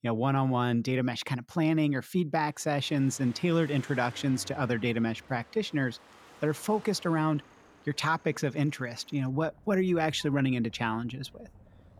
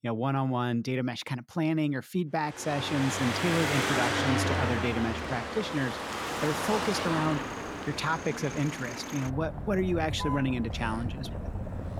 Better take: first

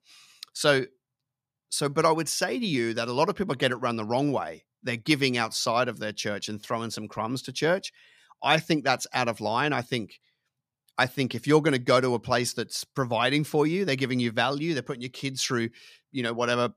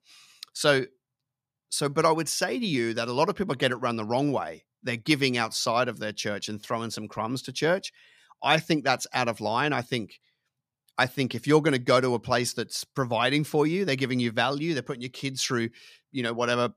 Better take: neither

